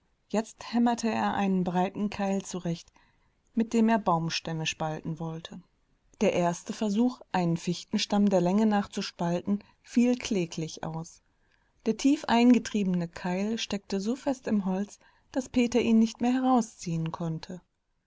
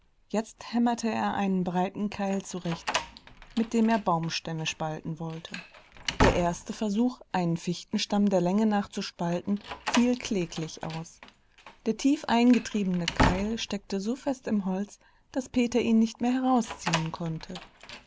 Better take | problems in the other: first | background sound (Slam); 8 dB below the speech

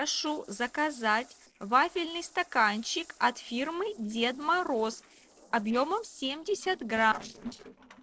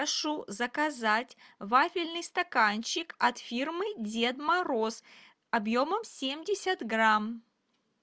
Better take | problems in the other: second | noise reduction (neural separator model SepFormer DNS4)

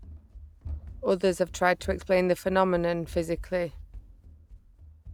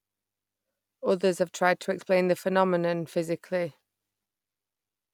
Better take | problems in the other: second | background sound (Run); 14 dB below the speech

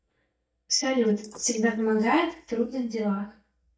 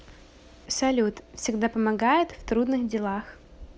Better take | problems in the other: second | noise reduction (neural mask model DeepFilterNet 3)

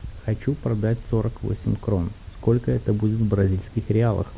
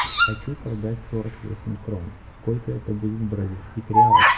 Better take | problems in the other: first | background sound (Bird vocalization, bird call, bird song); 5 dB above the speech // room echo; dies away in 0.6 s

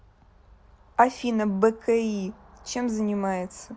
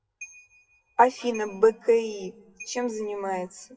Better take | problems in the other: first | noise reduction (classical method WPE with log-MMSE)

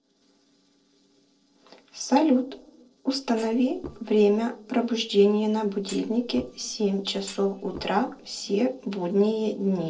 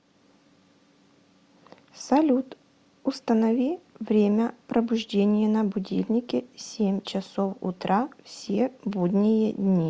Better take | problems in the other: second | noise reduction (neural separator model SepFormer DNS4)

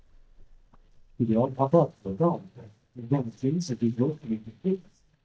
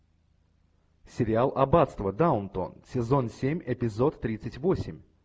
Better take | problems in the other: second | noise reduction (neural mask model DeepFilterNet 3)

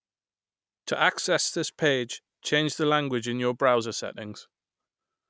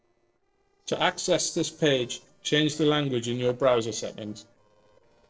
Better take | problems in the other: first | noise reduction (neural separator model SepFormer DNS4)

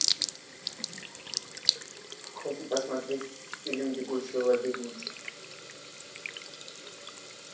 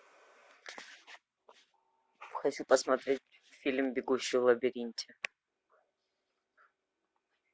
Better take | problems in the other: second | background sound (Sink (filling or washing) / Water tap, faucet); 1 dB below the speech // room echo; dies away in 0.6 s

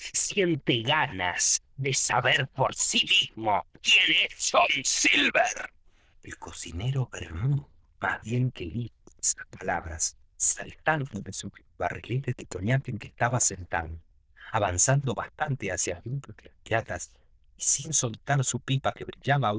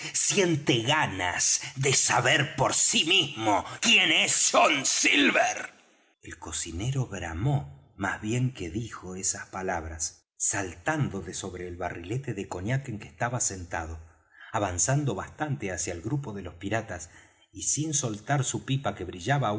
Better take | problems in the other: second | noise reduction (neural diffusion model UNIVERSE++)

